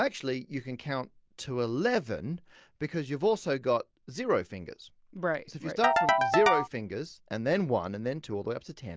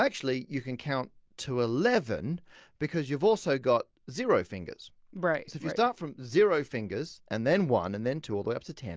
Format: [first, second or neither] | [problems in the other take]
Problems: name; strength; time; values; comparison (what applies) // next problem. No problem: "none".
second | background sound (Ringtone / Keyboard (musical)); 3 dB above the speech